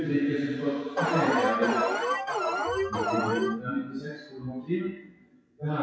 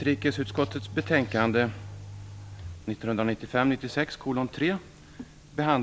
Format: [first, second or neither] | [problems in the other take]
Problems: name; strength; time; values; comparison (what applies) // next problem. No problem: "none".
second | noise reduction (classical method WPE with log-MMSE)